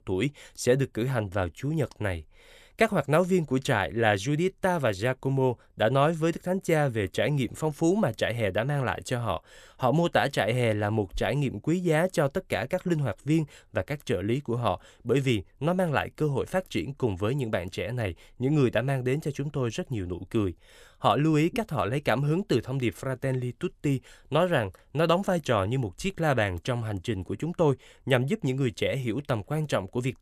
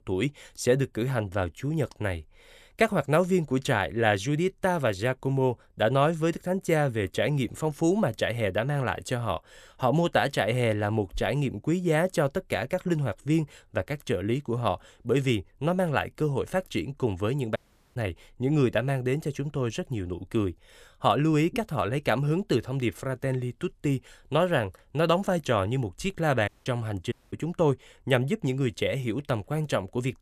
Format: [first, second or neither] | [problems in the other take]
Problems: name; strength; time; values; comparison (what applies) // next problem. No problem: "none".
first | audio cutting out; at 18 s, at 26 s and at 27 s